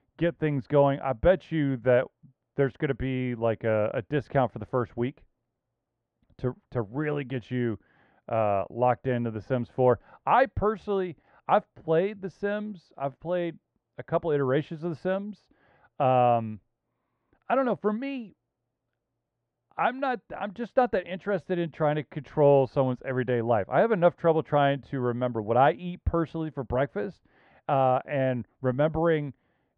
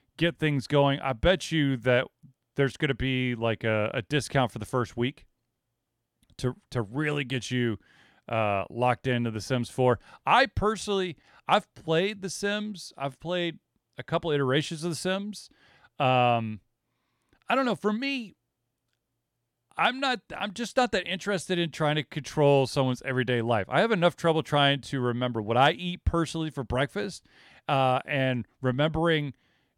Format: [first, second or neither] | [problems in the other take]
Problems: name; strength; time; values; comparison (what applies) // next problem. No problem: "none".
second | muffled; very; fading above 1.5 kHz